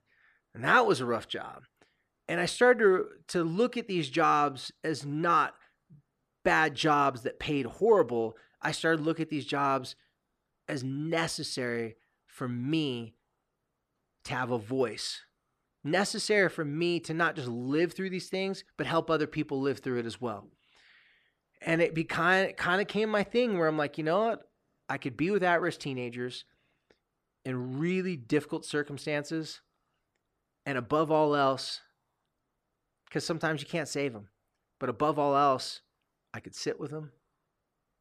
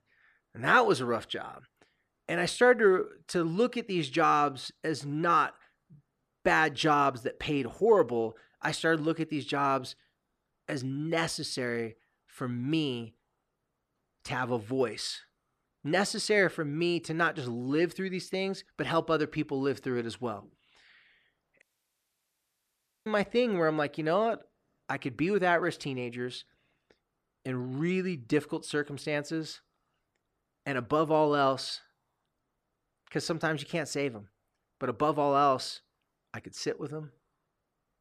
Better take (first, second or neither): first